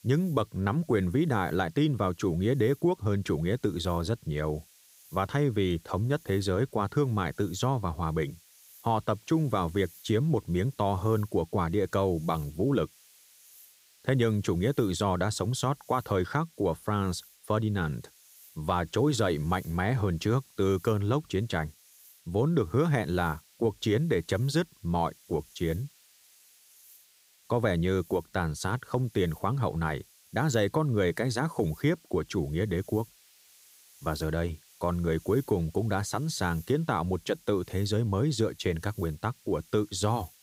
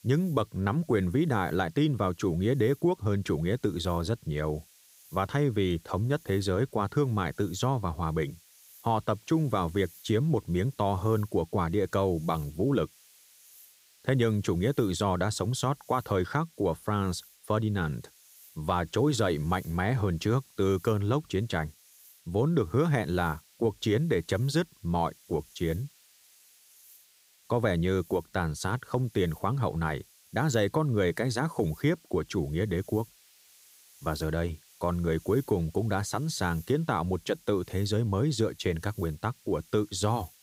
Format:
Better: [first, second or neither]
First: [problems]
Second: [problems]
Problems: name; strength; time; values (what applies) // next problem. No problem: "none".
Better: neither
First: hiss; faint; throughout; 25 dB below the speech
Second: hiss; faint; throughout; 25 dB below the speech